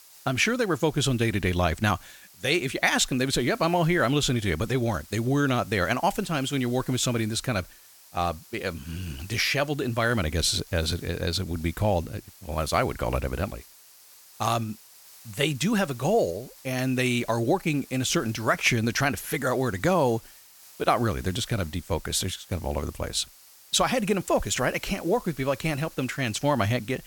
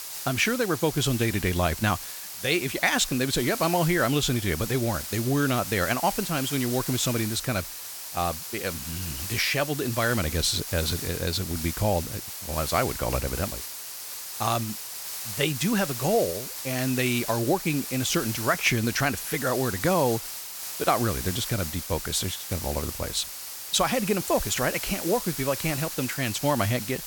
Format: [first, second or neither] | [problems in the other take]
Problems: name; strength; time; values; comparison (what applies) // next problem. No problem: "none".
first | hiss; loud; throughout; 6 dB below the speech; faint in the first